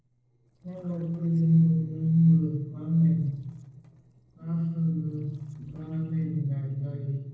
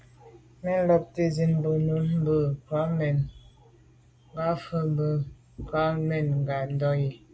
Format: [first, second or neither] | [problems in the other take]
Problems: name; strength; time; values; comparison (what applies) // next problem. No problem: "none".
second | noise reduction (neural separator model SepFormer DNS4)